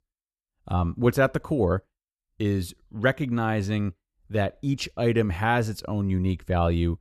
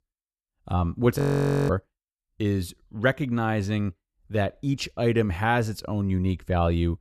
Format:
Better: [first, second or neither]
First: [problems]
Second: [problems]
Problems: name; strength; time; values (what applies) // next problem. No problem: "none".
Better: first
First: none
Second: audio freezing; at 1 s for 0.5 s